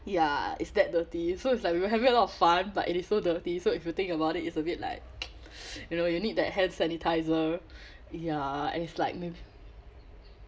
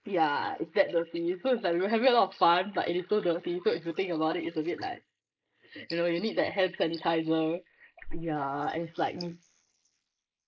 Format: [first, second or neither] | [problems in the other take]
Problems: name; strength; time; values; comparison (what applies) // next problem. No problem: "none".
first | noise reduction (neural mask model Resemble Enhance denoiser)